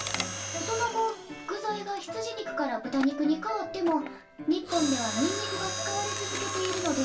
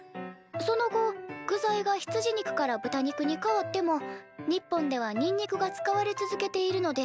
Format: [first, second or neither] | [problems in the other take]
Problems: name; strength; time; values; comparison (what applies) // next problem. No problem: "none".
second | background sound (Mechanisms); 6 dB below the speech // room echo; dies away in 0.3 s